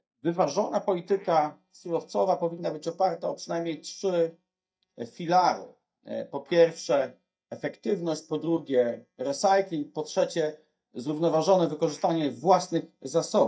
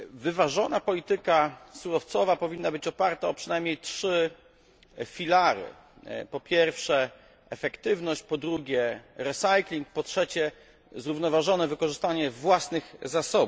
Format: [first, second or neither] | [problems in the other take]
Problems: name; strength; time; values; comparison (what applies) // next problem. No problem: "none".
second | noise reduction (neural mask model DeepFilterNet 3)